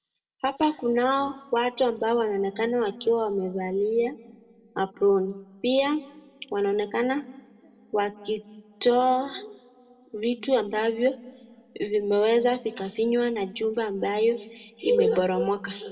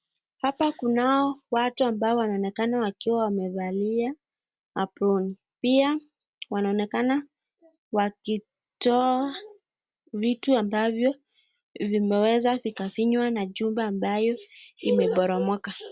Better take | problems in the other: second | room echo; dies away in 1.1 s

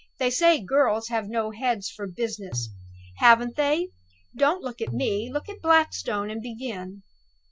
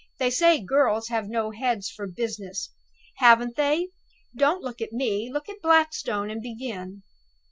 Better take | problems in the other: second | background sound (Tabla); 15 dB below the speech

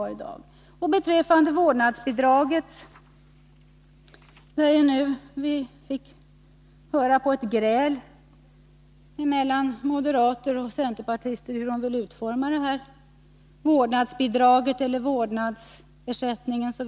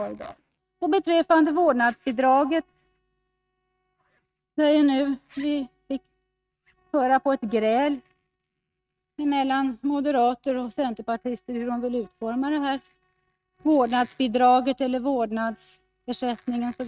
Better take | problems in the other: first | noise reduction (neural mask model RNNoise)

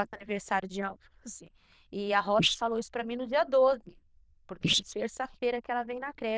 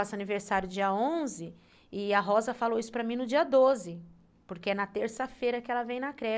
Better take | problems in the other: second | noise reduction (neural diffusion model UNIVERSE++)

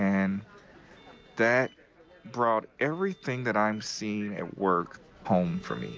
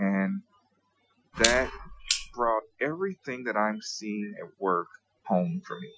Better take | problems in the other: first | noise reduction (classical method Wiener filter)

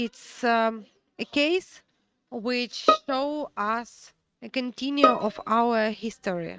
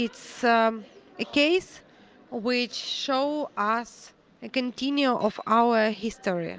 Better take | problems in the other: second | noise reduction (neural mask model RNNoise)

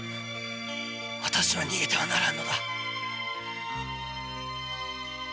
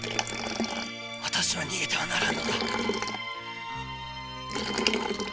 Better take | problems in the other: first | background sound (Liquid); 1 dB below the speech

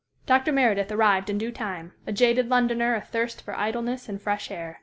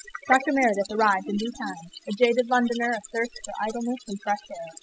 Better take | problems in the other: first | noise reduction (classical method spectral subtraction)

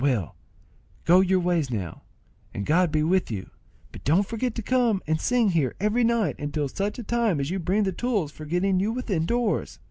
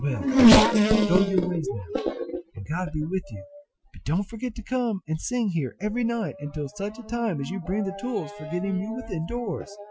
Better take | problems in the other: first | noise reduction (classical method Wiener filter)

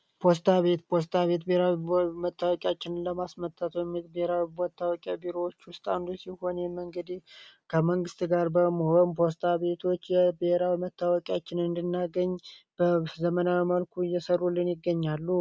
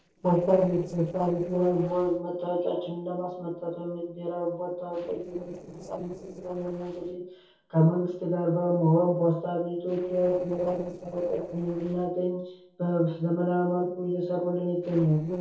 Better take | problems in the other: first | noise reduction (neural separator model SepFormer DNS4)

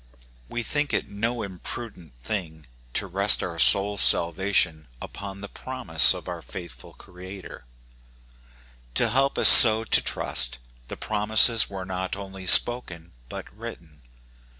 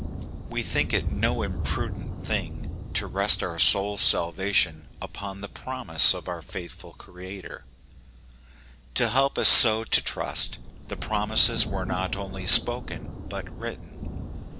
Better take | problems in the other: first | background sound (Thunder); 5 dB below the speech

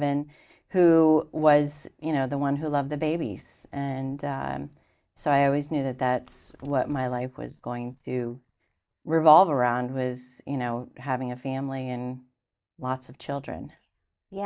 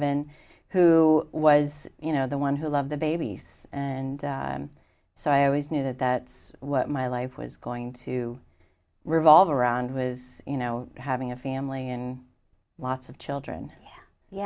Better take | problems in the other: second | noise reduction (neural mask model DeepFilterNet 3)

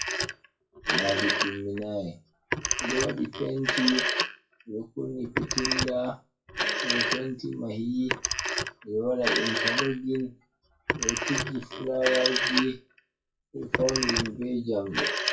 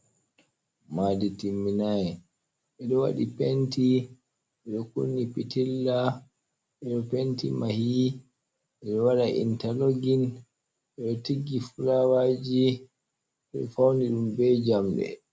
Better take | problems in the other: second | noise reduction (classical method WPE with log-MMSE)

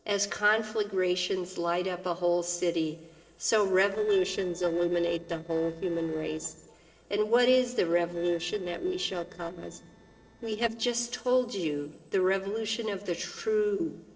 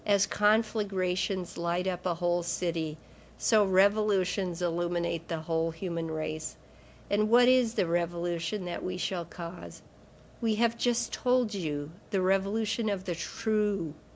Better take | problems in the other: second | noise reduction (neural separator model SepFormer DNS4)

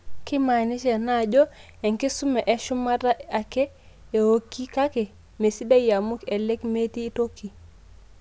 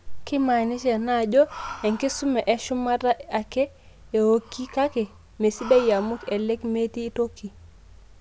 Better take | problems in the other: first | background sound (Breathing); 20 dB below the speech

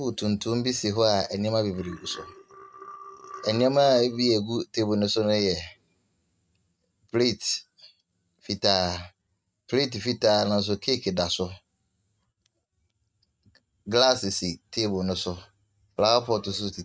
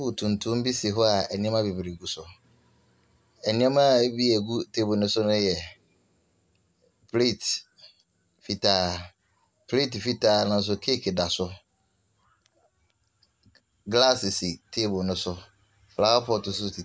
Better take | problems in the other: second | noise reduction (neural mask model RNNoise)

